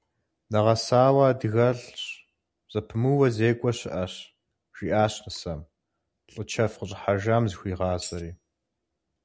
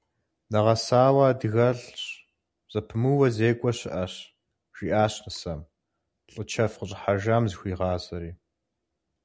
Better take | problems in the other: second | background sound (Tambourine); 17 dB below the speech

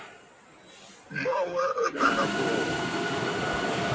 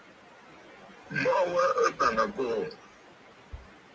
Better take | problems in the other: second | background sound (Mechanisms); 1 dB above the speech

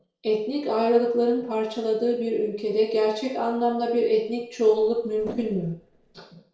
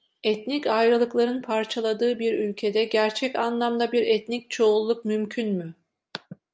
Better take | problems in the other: second | noise reduction (neural separator model SepFormer DNS4)

